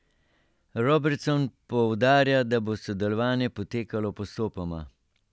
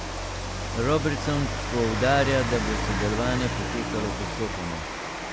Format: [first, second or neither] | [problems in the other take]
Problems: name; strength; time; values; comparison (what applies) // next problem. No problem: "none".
first | background sound (Rain); 1 dB below the speech